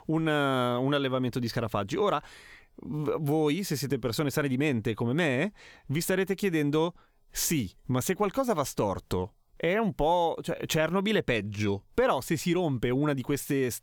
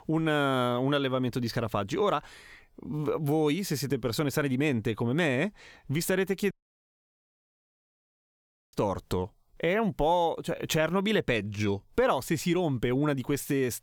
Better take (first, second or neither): first